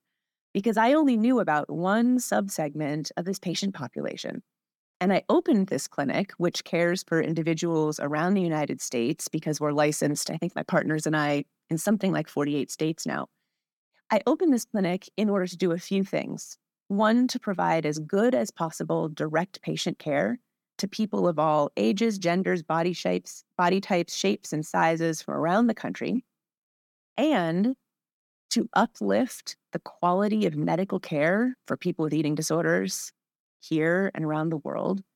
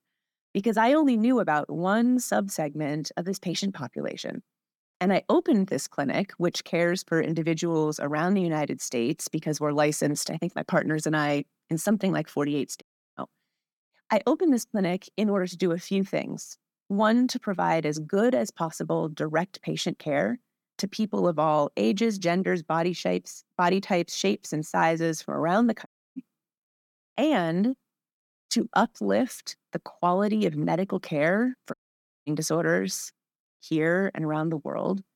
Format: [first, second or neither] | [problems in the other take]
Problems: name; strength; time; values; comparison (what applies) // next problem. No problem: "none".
first | audio cutting out; at 13 s, at 26 s and at 32 s for 0.5 s